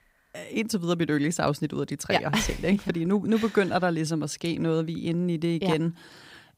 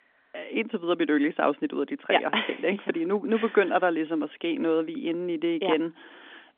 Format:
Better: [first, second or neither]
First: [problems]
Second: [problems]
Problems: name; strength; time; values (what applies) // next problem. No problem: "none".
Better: first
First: none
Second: phone-call audio; nothing above 3.5 kHz